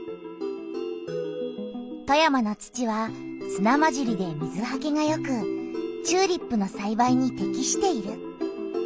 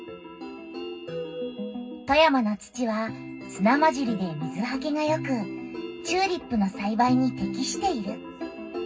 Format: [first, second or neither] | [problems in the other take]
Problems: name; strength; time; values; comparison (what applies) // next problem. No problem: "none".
first | room echo; dies away in 0.4 s